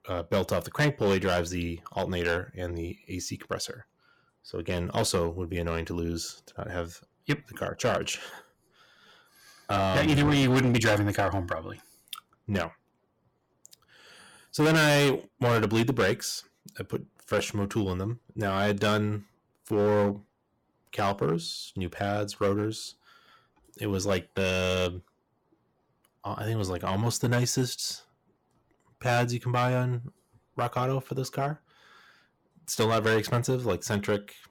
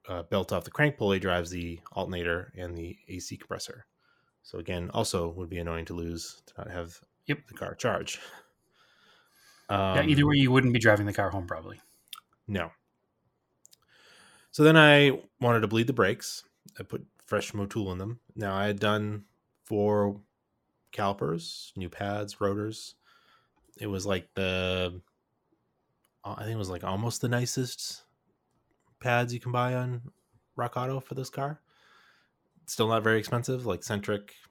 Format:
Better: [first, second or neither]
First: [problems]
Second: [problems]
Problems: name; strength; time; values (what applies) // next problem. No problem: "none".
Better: second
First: distortion; heavy; 5% of the sound clipped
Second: none